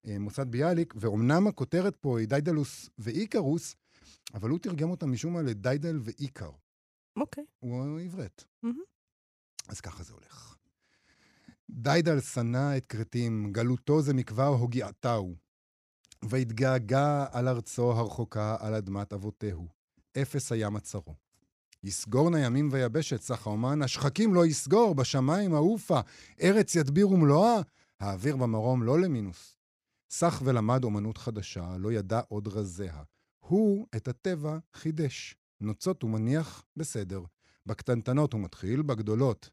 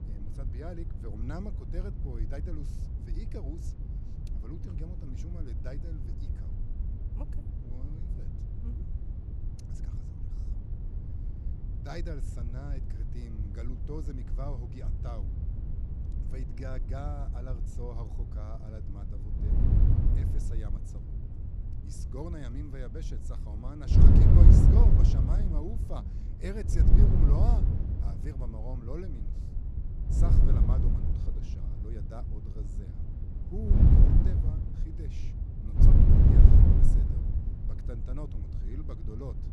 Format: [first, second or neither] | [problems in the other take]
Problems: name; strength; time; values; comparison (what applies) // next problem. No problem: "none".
first | wind noise on the microphone; heavy; 3 dB above the speech